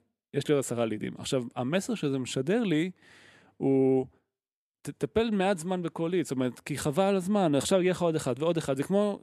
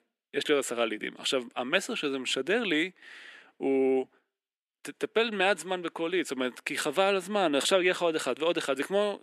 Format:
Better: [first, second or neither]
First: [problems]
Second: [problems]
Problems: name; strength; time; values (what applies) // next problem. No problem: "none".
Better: first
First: none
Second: thin; somewhat; fading below 300 Hz